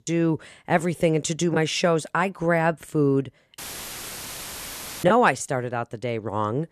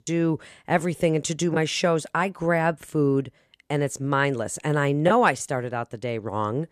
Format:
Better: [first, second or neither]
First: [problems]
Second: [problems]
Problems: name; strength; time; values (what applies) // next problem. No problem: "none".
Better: second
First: audio cutting out; filled with static; at 3.5 s for 1.5 s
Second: none